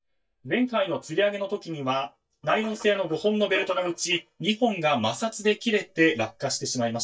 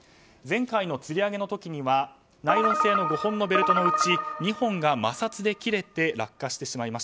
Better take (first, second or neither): second